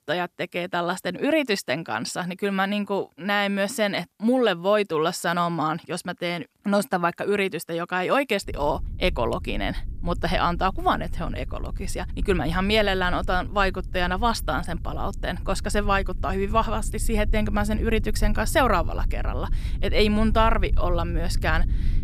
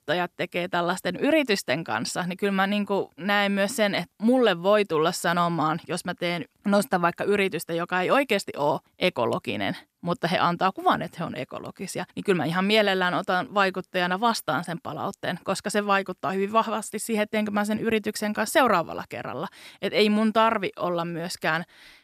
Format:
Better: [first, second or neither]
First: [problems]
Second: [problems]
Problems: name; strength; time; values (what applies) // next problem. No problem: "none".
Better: second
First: low rumble; faint; from 8.5 s on; 25 dB below the speech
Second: none